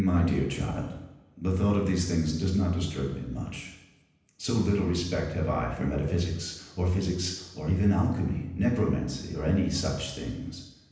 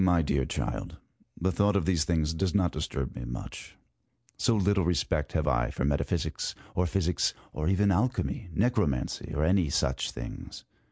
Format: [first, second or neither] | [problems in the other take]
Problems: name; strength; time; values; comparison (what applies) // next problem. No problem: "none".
second | room echo; dies away in 0.9 s